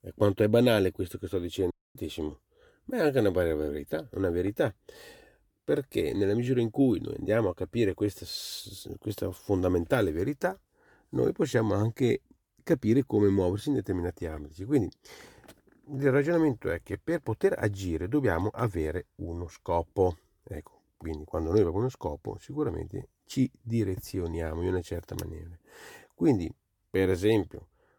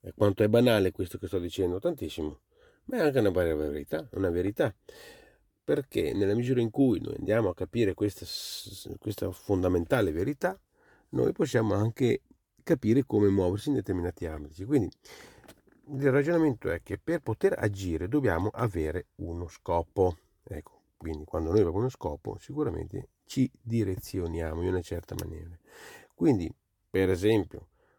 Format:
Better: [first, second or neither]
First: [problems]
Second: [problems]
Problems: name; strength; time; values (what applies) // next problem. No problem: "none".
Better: second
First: audio cutting out; at 1.5 s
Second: none